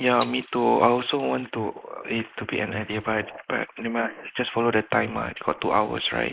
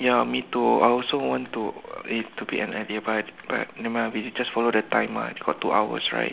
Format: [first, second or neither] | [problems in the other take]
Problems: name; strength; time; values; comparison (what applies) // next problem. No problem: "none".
second | noise reduction (neural mask model Resemble Enhance denoiser)